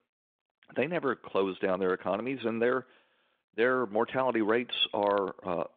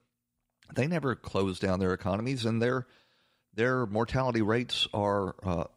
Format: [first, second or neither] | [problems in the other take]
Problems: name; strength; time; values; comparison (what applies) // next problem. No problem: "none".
second | phone-call audio; nothing above 3.5 kHz